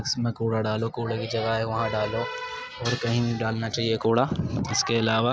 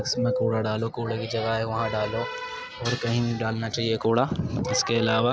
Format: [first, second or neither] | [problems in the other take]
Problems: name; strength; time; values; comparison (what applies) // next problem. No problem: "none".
first | background sound (Bird); 10 dB below the speech